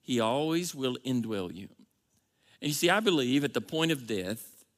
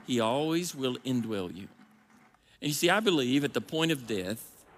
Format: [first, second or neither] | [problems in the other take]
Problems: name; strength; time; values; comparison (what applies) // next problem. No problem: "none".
first | rain or running water; faint; throughout; 30 dB below the speech